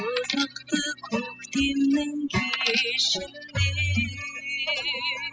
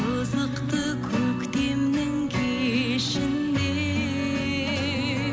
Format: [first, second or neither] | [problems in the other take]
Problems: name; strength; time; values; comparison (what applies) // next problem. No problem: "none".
second | noise reduction (classical method spectral subtraction)